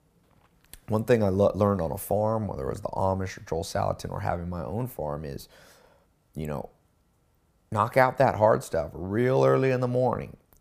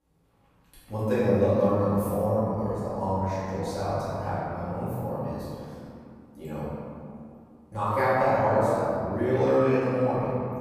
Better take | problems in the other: first | room echo; strong; dies away in 2.5 s // off-mic speech; far

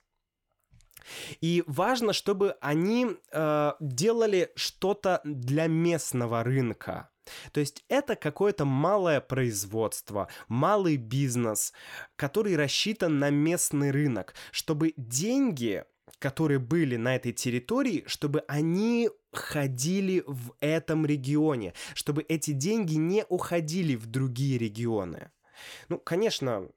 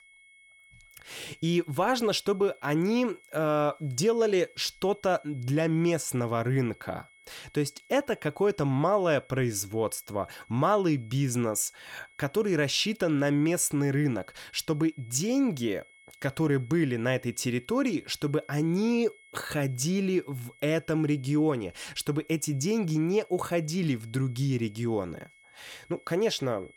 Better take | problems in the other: first | high-pitched whine; faint; throughout; 2 kHz, 25 dB below the speech

